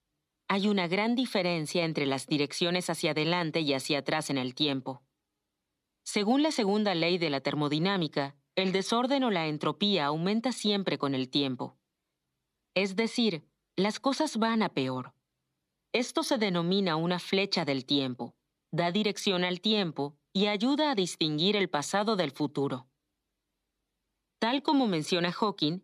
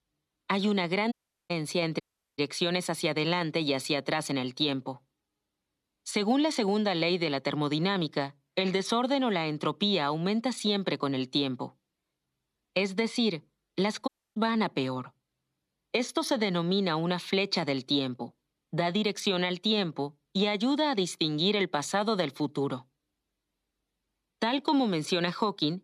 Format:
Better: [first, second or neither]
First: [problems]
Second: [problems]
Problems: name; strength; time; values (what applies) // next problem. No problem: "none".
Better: first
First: none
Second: audio cutting out; at 1 s, at 2 s and at 14 s